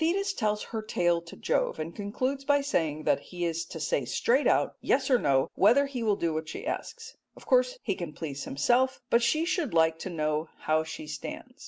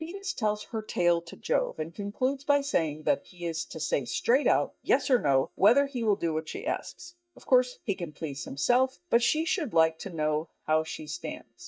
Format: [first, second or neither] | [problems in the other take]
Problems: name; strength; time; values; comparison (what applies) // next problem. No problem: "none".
first | noise reduction (neural mask model DeepFilterNet 3)